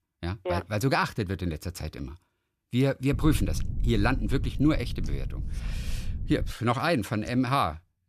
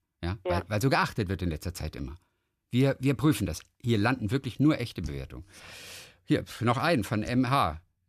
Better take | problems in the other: second | low rumble; faint; from 3 to 6.5 s; 20 dB below the speech

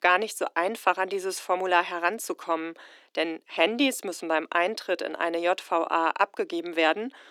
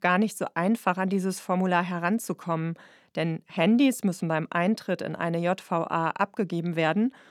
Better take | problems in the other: second | thin; somewhat; fading below 300 Hz

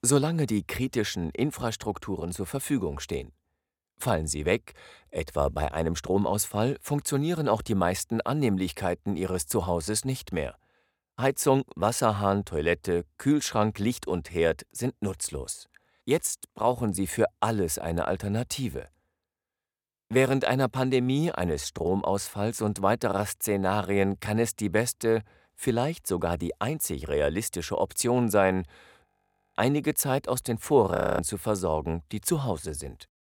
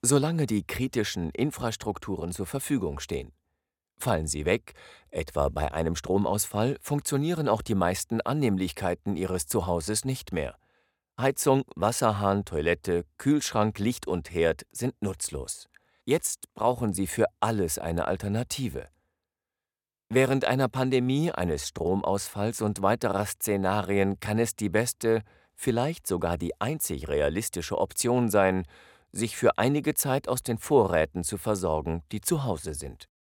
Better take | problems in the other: second | audio freezing; at 29 s and at 31 s

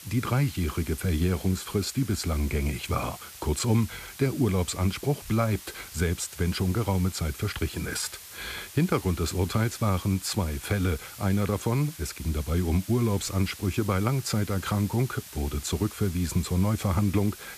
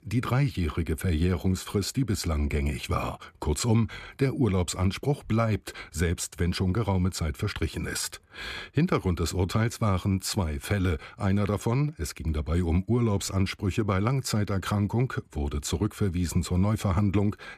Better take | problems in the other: second | hiss; noticeable; throughout; 15 dB below the speech

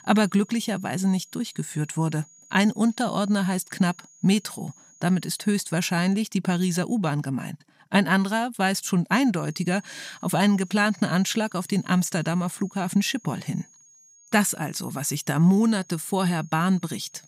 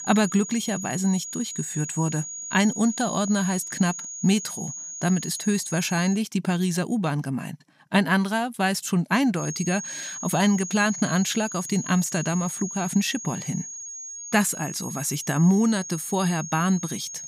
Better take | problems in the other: first | high-pitched whine; loud; until 6 s and from 9.5 s on; 6.5 kHz, 8 dB below the speech; faint in the first

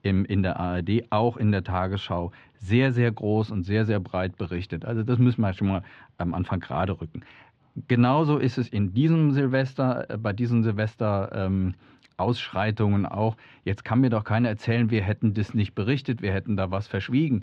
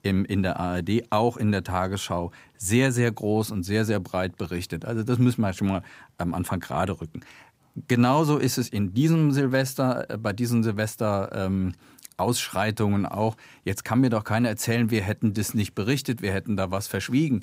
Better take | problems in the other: second | muffled; slightly; fading above 3.5 kHz

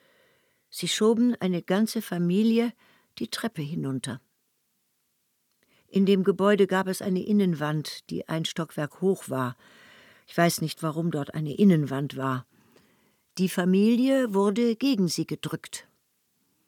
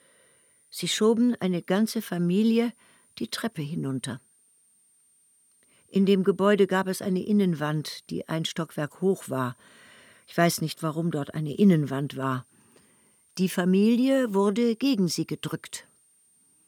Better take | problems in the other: first | high-pitched whine; faint; throughout; 9 kHz, 35 dB below the speech

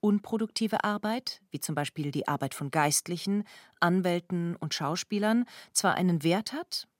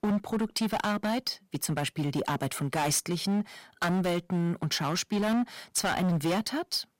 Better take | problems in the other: first | distortion; heavy; 17% of the sound clipped

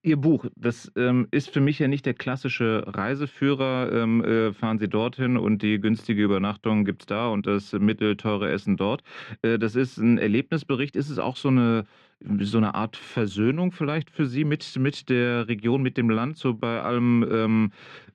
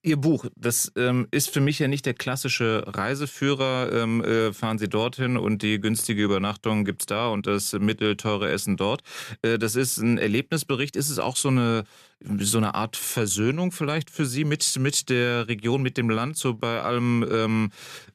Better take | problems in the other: second | muffled; slightly; fading above 3 kHz

